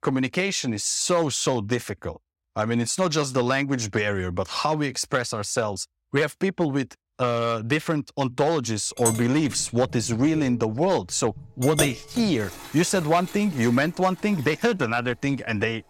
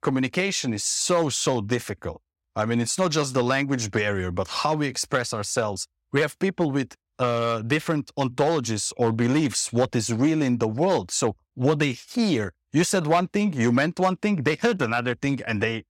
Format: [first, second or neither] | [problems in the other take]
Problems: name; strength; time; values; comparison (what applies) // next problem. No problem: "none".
second | household noises; loud; from 9 s on; 9 dB below the speech